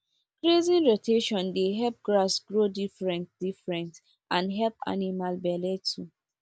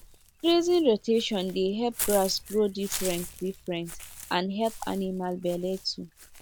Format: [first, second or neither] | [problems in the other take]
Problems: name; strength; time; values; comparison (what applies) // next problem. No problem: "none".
first | background sound (Walk, footsteps / Bird); 12 dB below the speech